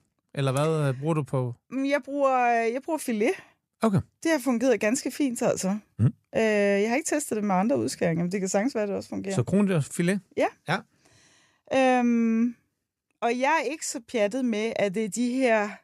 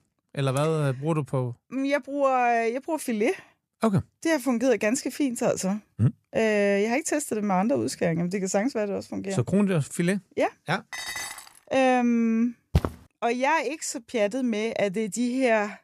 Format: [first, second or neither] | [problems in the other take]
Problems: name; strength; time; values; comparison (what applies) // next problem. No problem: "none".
first | clattering dishes; noticeable; at 11 s; peak 6 dB below the speech // footsteps; noticeable; at 13 s; peak 2 dB below the speech